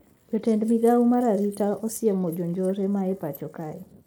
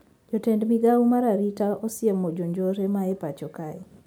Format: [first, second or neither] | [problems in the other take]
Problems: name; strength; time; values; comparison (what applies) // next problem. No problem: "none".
second | noise reduction (neural mask model Resemble Enhance denoiser)